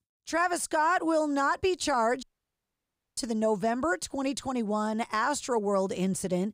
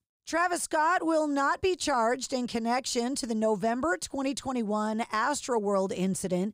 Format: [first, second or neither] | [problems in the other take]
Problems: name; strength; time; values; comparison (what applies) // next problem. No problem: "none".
second | audio cutting out; at 2 s for 1 s